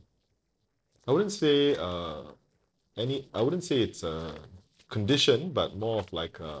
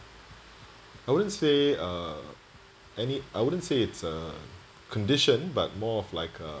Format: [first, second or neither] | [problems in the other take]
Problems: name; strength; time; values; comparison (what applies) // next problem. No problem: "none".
second | noise reduction (neural separator model SepFormer DNS4)